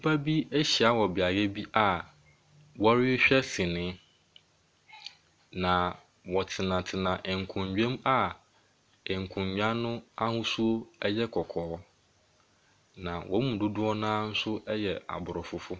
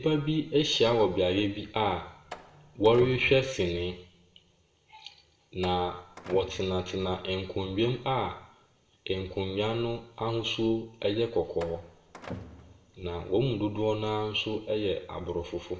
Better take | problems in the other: first | background sound (Slam); 18 dB below the speech // room echo; dies away in 0.6 s

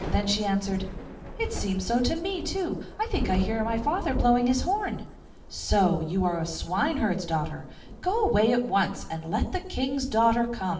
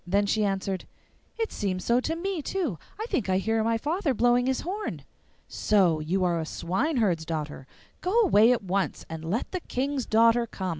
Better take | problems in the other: second | background sound (Thunder / Rain); 12 dB below the speech // room echo; dies away in 0.6 s

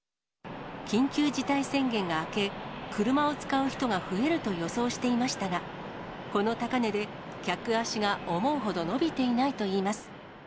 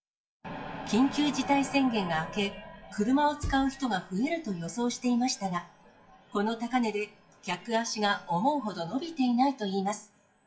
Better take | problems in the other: first | noise reduction (classical method WPE with log-MMSE)

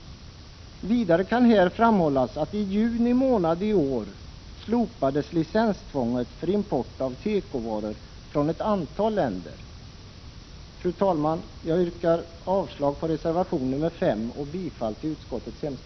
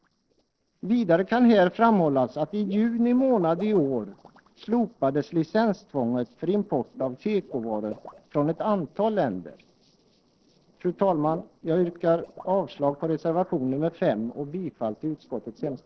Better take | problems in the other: first | noise reduction (neural separator model SepFormer DNS4)

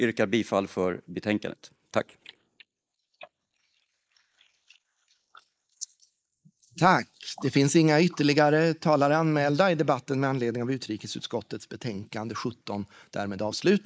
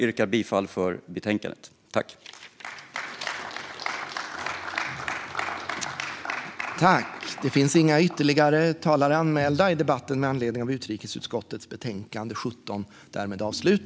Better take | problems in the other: second | noise reduction (neural mask model Resemble Enhance denoiser)

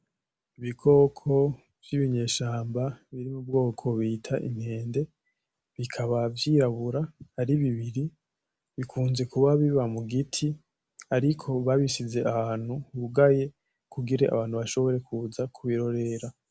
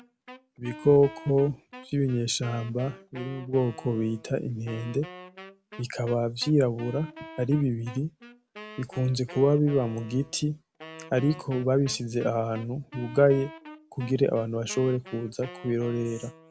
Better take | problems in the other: first | background sound (Wind instrument, woodwind instrument); 19 dB below the speech

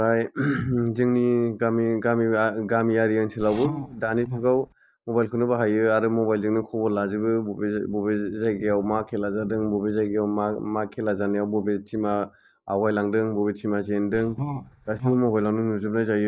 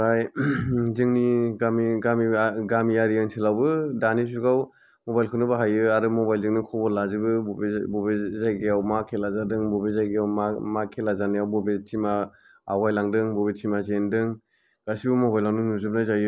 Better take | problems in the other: second | noise reduction (neural mask model DeepFilterNet 3)

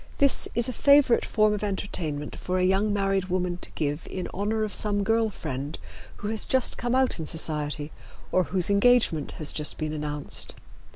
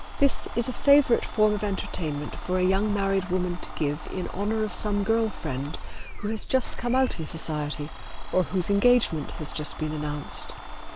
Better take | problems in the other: first | background sound (Domestic sounds, home sounds); 17 dB below the speech

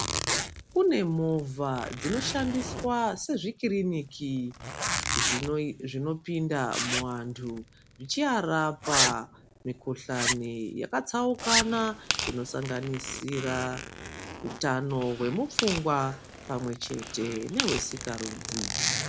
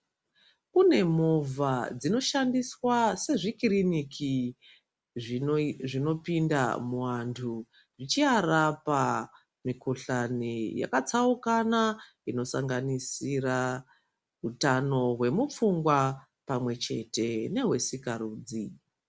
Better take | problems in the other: second | background sound (Tearing + Zipper (clothing)); 4 dB below the speech

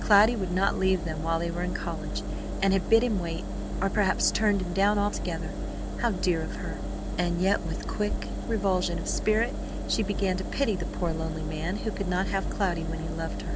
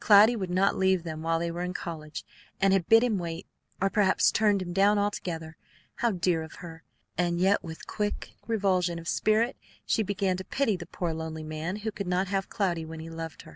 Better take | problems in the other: second | background sound (Engine); 3 dB below the speech

